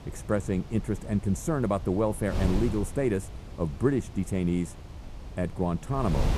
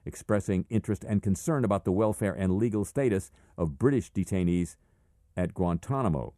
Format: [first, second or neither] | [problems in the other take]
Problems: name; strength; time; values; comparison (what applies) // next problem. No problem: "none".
second | wind noise on the microphone; occasional gusts; 15 dB below the speech